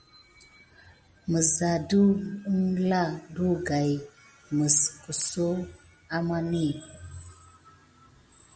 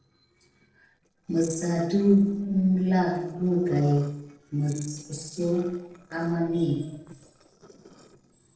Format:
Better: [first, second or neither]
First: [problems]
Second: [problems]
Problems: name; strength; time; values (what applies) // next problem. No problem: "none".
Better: first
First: none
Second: noise reduction (neural separator model SepFormer DNS4)